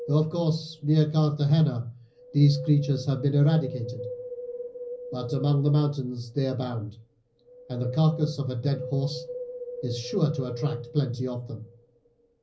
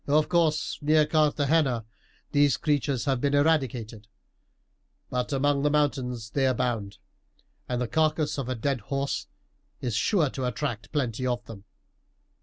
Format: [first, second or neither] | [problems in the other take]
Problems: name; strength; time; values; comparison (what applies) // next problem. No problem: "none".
second | background sound (Wind); 14 dB below the speech // room echo; dies away in 0.5 s